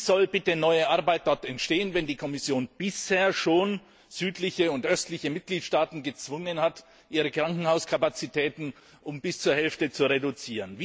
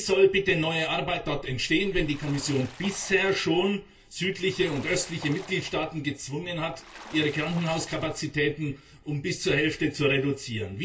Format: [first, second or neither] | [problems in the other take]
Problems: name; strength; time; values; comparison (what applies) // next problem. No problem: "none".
first | background sound (Water / Splash, splatter); 19 dB below the speech // room echo; dies away in 0.2 s